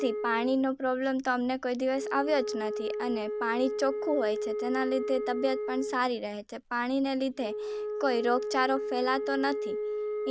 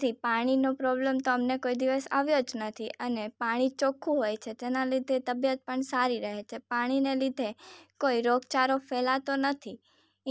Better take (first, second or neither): second